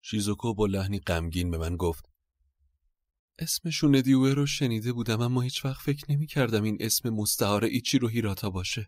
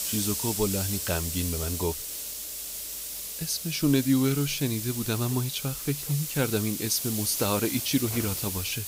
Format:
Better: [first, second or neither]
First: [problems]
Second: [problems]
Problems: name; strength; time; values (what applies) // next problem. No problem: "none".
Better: first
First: none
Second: hiss; loud; throughout; 3 dB below the speech